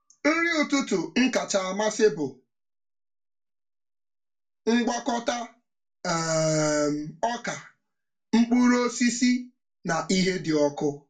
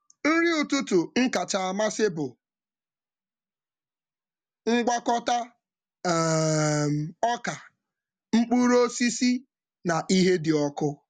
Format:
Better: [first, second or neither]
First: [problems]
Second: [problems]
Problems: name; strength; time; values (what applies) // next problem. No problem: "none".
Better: second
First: room echo; dies away in 0.2 s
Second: none